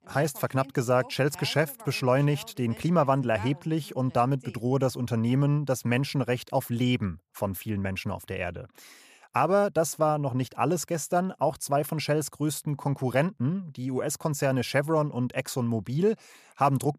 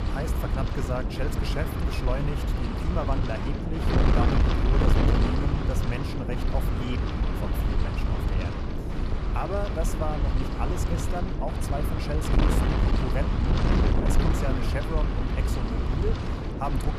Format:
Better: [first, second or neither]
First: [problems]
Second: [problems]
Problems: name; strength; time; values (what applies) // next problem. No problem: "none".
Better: first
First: none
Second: wind noise on the microphone; heavy; 2 dB above the speech